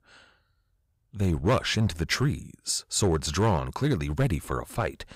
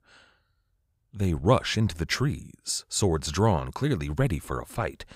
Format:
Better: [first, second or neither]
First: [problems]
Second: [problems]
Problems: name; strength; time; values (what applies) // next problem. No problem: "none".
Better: second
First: distortion; slight; 3% of the sound clipped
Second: none